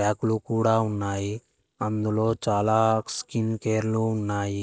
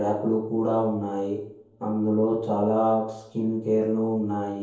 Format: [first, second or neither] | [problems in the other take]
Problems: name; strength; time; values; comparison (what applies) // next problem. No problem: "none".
first | room echo; dies away in 0.7 s